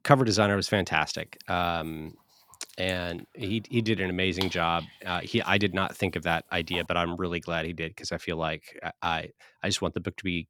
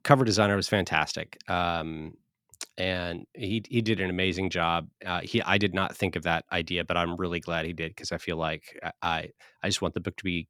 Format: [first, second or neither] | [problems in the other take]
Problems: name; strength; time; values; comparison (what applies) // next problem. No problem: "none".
second | dog barking; noticeable; from 3 to 7 s; peak 7 dB below the speech